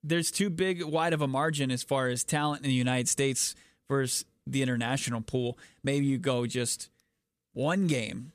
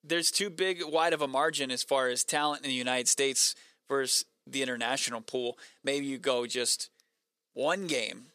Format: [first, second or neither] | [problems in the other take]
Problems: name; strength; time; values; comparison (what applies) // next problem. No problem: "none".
first | thin; somewhat; fading below 450 Hz